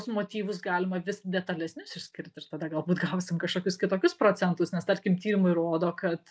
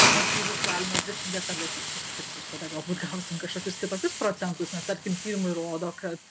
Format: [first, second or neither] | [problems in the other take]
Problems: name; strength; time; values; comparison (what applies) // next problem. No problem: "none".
first | background sound (Hiss); 3 dB above the speech